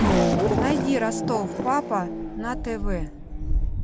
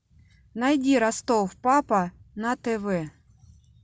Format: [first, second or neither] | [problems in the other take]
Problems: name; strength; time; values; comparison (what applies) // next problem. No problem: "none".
second | background sound (Race car, auto racing / Accelerating, revving, vroom); 4 dB above the speech